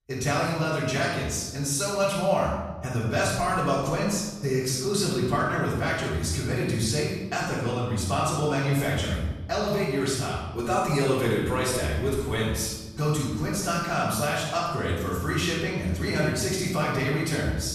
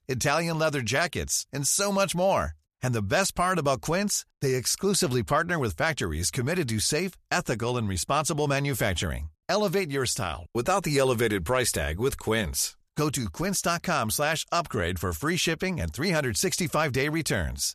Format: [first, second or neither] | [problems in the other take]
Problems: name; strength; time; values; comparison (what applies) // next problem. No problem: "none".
second | room echo; strong; dies away in 1.1 s // off-mic speech; far